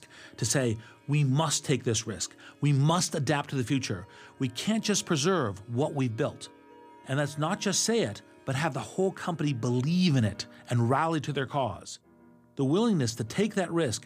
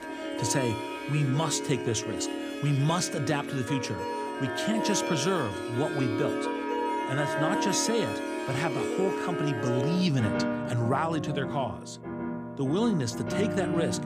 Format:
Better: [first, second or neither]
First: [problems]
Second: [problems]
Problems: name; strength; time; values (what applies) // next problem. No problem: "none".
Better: first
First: background music; faint; throughout; 25 dB below the speech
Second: background music; loud; throughout; 2 dB below the speech